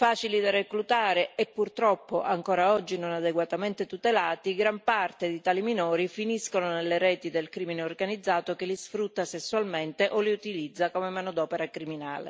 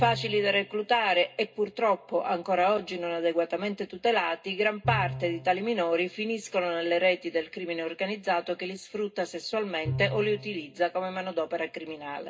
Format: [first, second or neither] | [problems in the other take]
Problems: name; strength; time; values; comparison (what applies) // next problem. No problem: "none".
first | background sound (Bowed string instrument); 14 dB below the speech // room echo; dies away in 0.2 s